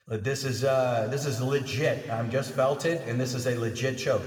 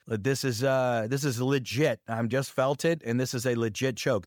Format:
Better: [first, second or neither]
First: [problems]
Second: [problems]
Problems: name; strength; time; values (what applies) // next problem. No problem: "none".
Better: second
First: room echo; noticeable; dies away in 1.9 s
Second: none